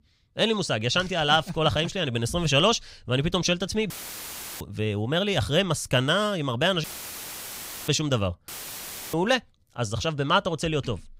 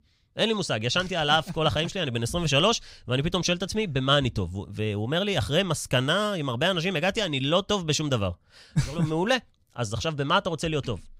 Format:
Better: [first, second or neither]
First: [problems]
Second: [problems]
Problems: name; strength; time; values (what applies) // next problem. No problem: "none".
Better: second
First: audio cutting out; filled with static; at 4 s for 0.5 s, at 7 s for 1 s and at 8.5 s for 0.5 s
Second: none